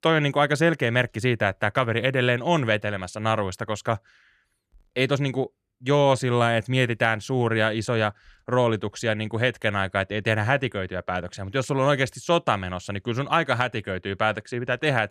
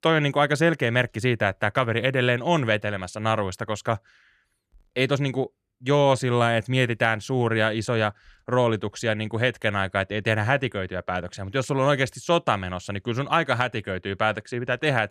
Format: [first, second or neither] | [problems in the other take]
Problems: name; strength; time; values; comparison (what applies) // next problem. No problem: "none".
neither | none